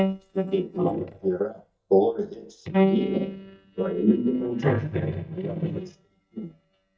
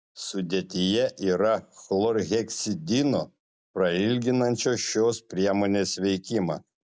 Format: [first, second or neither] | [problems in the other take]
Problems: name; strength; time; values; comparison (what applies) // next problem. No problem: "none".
second | noise reduction (neural mask model DeepFilterNet 3)